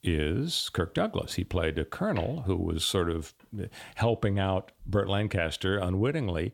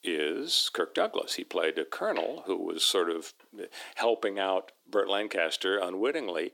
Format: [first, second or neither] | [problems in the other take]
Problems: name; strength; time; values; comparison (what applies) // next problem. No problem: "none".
first | thin; very; fading below 300 Hz